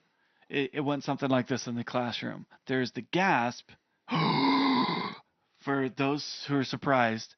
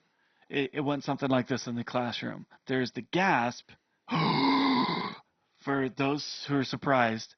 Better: first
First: garbled, watery; slightly; nothing above 6 kHz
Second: garbled, watery; badly; nothing above 6 kHz

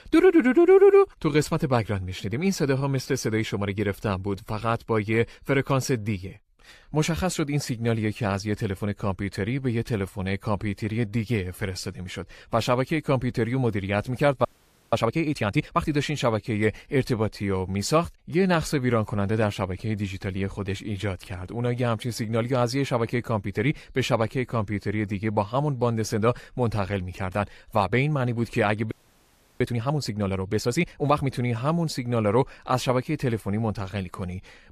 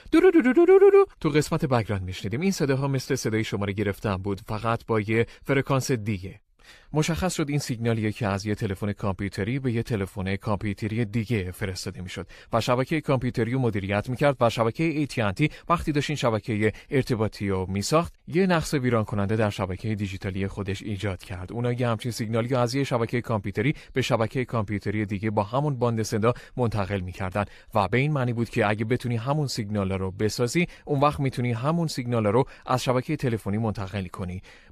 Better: second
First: audio freezing; at 14 s and at 29 s for 0.5 s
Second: none

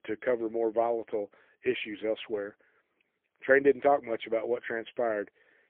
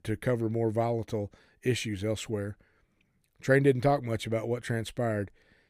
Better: second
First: phone-call audio; poor line; nothing above 3.5 kHz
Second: none

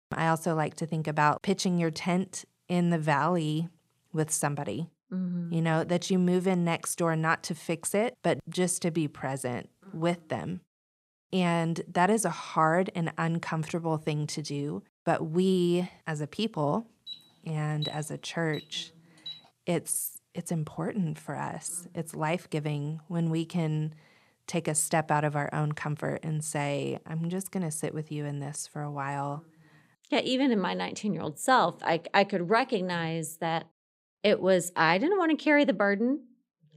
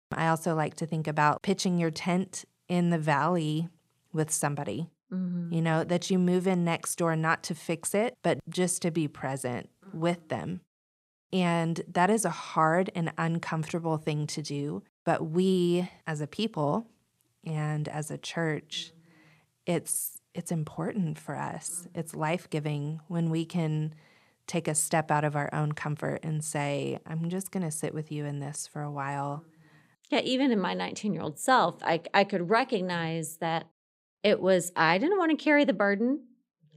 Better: second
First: alarm; noticeable; from 17 to 19 s; peak 9 dB below the speech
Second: none

